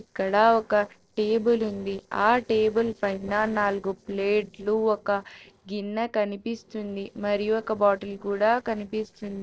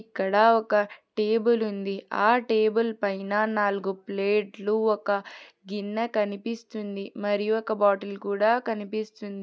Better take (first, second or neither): second